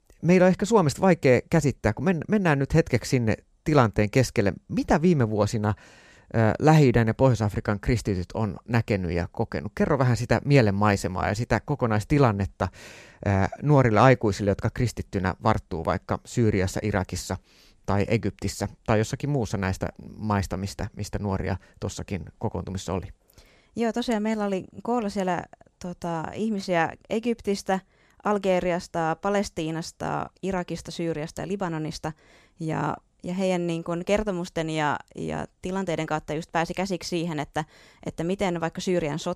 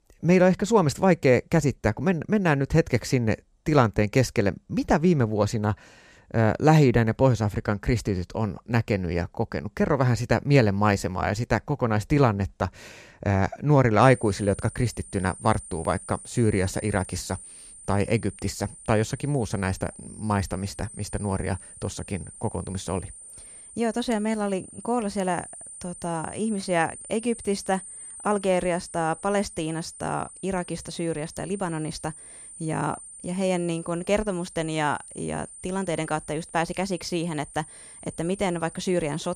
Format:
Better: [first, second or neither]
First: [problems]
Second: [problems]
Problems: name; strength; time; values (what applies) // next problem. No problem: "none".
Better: first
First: none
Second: high-pitched whine; noticeable; from 14 s on; 9 kHz, 15 dB below the speech